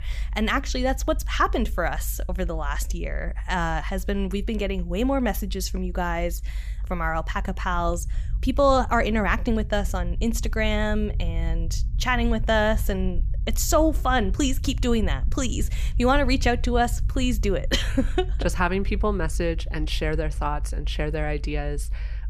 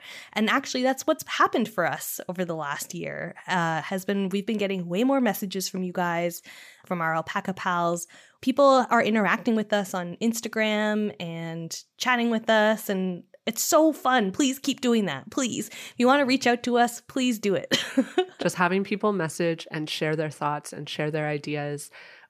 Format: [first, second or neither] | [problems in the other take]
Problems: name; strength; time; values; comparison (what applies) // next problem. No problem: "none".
second | low rumble; faint; throughout; 25 dB below the speech